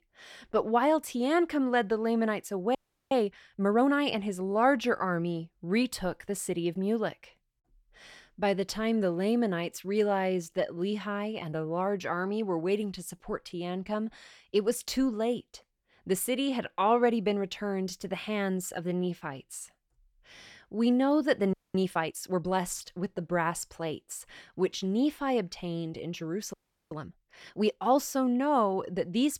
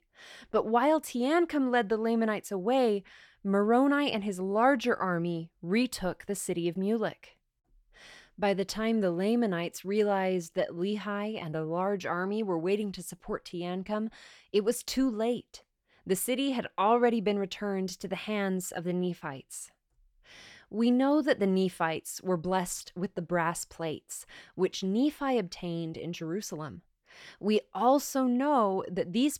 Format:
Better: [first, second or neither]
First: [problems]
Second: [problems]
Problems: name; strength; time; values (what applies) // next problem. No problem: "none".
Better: second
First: audio freezing; at 3 s, at 22 s and at 27 s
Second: none